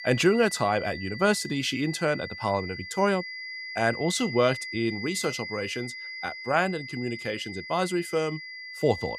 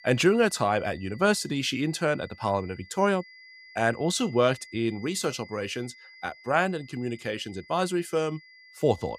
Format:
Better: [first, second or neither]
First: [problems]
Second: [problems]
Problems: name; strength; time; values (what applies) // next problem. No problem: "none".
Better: second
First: high-pitched whine; loud; throughout; 2 kHz, 9 dB below the speech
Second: high-pitched whine; faint; throughout; 2 kHz, 20 dB below the speech